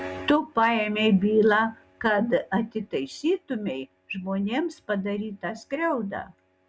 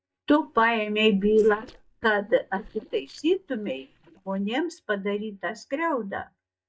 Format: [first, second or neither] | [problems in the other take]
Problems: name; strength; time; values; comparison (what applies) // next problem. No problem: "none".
first | noise reduction (neural mask model DeepFilterNet 3)